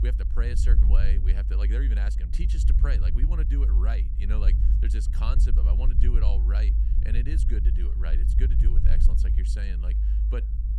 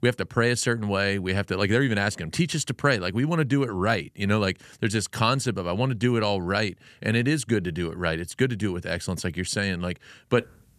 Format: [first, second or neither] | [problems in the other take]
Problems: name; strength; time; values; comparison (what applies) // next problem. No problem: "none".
second | low rumble; loud; throughout; 3 dB below the speech